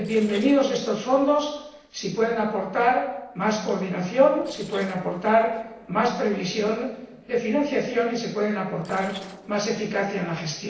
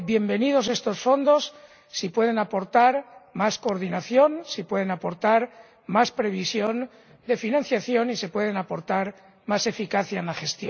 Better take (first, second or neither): second